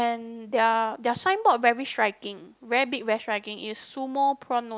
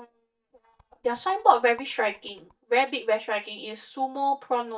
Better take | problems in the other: first | noise reduction (neural mask model DeepFilterNet 3)

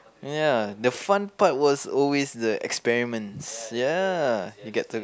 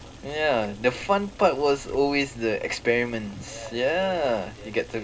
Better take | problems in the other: first | background sound (Boiling); 18 dB below the speech // room echo; dies away in 0.2 s

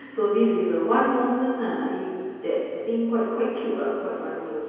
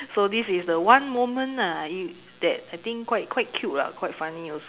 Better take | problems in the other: second | room echo; dies away in 2.2 s

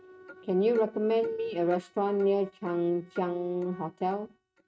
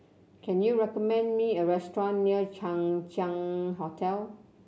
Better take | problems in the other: second | noise reduction (neural mask model RNNoise)

